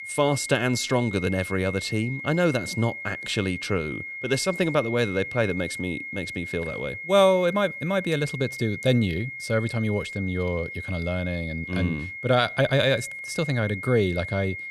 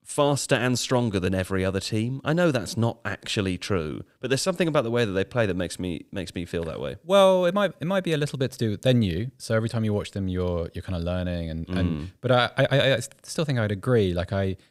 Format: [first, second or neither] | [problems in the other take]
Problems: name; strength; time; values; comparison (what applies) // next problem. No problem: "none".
second | high-pitched whine; loud; throughout; 2 kHz, 8 dB below the speech